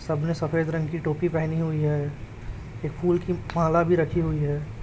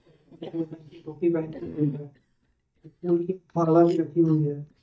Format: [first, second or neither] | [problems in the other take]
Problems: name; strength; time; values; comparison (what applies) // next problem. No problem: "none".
first | noise reduction (neural mask model DeepFilterNet 3)